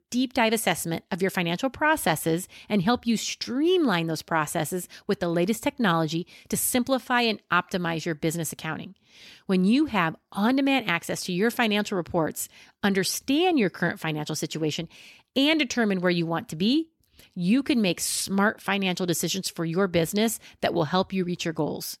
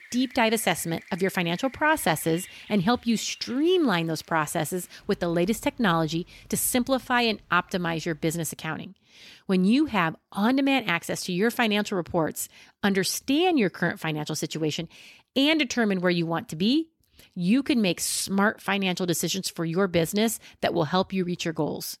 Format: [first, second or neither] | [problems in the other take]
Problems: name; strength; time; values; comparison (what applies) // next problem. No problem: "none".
first | rain or running water; faint; until 8.5 s; 25 dB below the speech